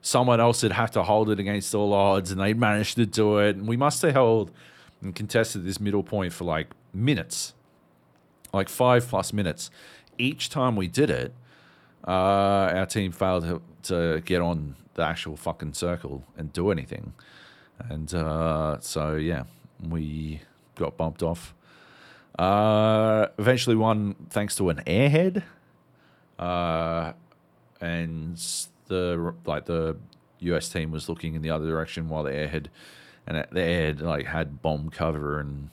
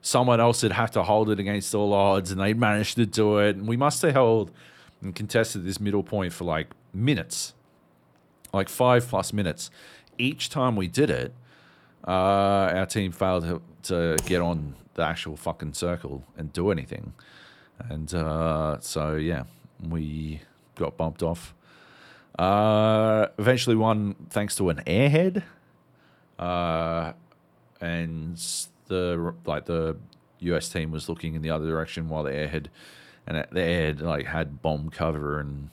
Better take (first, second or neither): first